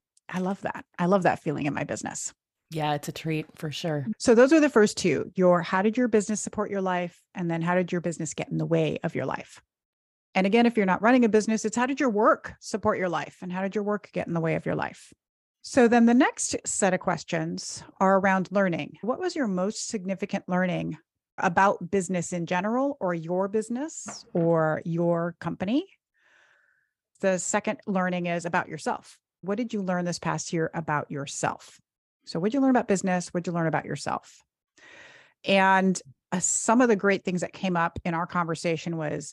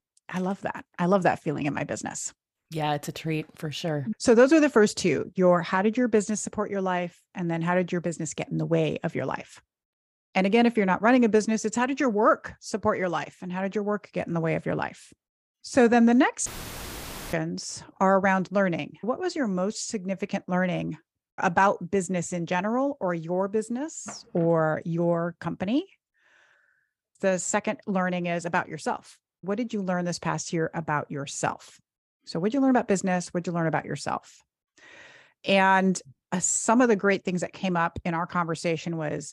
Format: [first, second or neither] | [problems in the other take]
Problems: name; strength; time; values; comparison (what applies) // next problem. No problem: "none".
first | audio cutting out; filled with static; at 16 s for 1 s